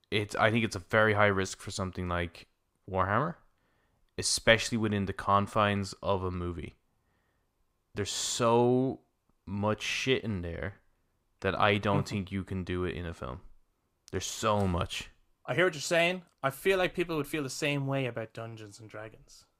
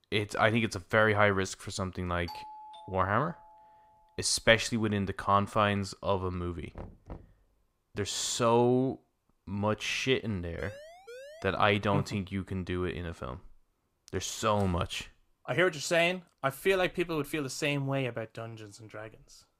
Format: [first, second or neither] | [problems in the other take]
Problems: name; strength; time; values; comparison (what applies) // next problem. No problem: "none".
first | doorbell; faint; from 2.5 to 4 s; peak 15 dB below the speech // door banging; faint; at 7 s; peak 15 dB below the speech // siren; faint; at 11 s; peak 20 dB below the speech